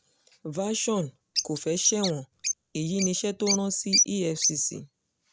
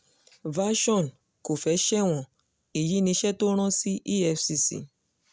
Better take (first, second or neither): second